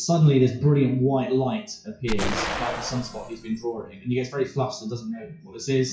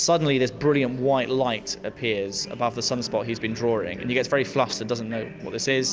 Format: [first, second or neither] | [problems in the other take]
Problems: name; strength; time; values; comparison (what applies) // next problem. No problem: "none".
second | noise reduction (classical method WPE with log-MMSE)